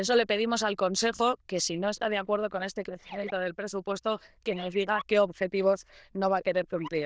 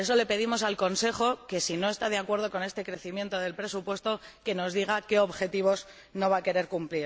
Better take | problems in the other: second | noise reduction (neural diffusion model UNIVERSE++)

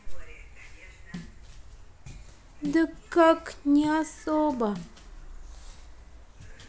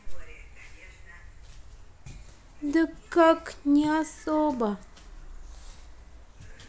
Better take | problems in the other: second | background sound (Snare drum); 19 dB below the speech

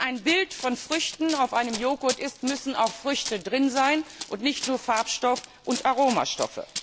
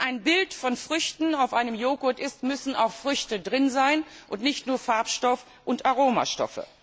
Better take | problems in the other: second | background sound (Run); 13 dB below the speech

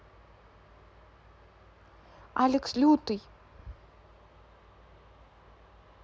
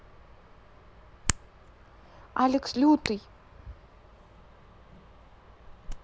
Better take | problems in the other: first | background sound (Hands); 9 dB below the speech

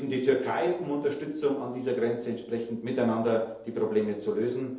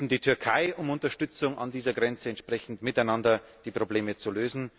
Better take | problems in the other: second | room echo; dies away in 2.2 s

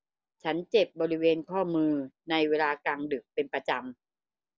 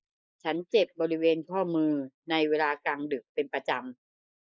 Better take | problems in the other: first | noise reduction (neural mask model Resemble Enhance denoiser)

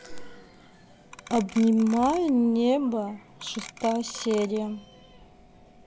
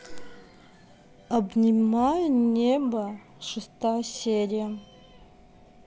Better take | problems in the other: second | background sound (Clock); 17 dB below the speech

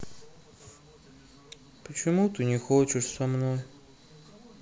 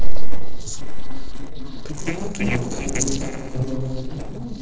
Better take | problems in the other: first | noise reduction (neural separator model SepFormer DNS4)

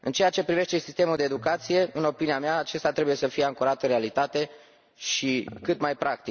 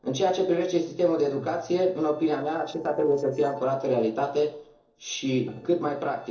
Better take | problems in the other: first | noise reduction (neural separator model SepFormer DNS4)

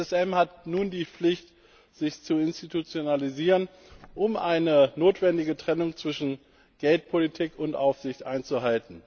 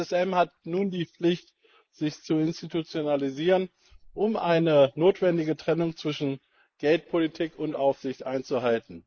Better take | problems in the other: first | noise reduction (neural mask model Resemble Enhance denoiser)

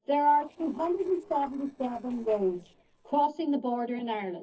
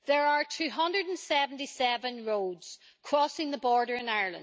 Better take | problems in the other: second | noise reduction (neural separator model SepFormer DNS4)

